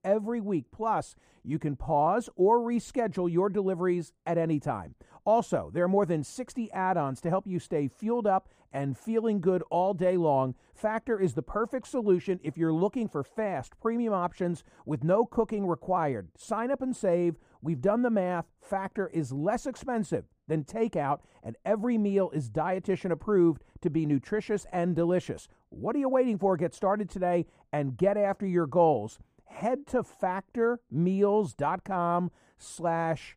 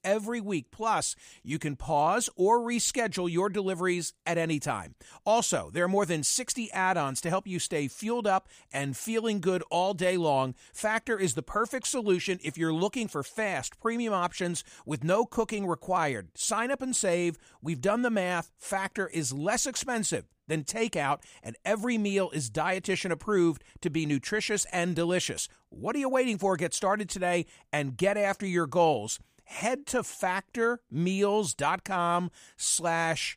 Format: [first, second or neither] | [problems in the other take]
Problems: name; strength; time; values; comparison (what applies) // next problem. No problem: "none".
second | muffled; very; fading above 1.5 kHz